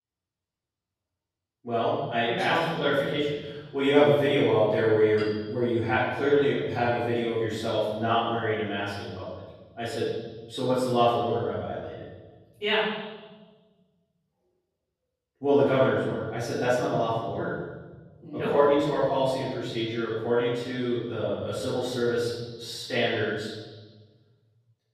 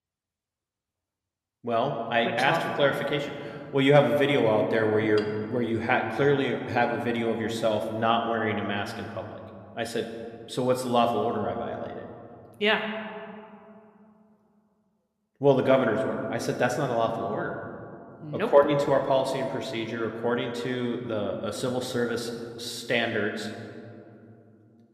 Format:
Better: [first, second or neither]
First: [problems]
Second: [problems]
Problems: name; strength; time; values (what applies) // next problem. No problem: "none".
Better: second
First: room echo; strong; dies away in 1.5 s // off-mic speech; far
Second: room echo; slight; dies away in 2 s